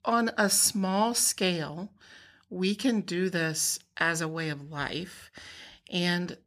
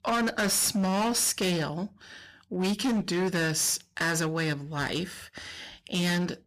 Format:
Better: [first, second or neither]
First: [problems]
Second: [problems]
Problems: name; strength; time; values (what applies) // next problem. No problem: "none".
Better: first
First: none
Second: distortion; heavy; 18% of the sound clipped